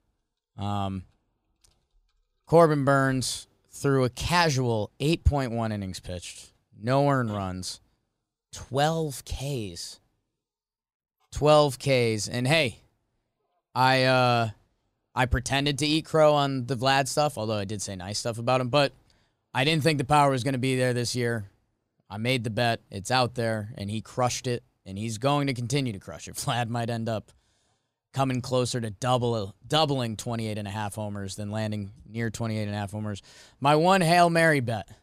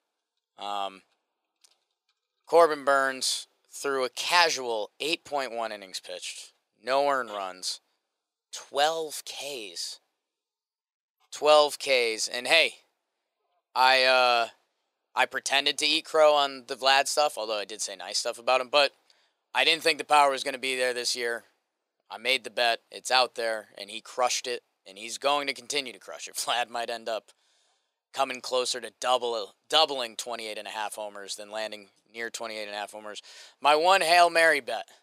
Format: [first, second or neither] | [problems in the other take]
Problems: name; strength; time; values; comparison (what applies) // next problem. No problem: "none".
first | thin; very; fading below 450 Hz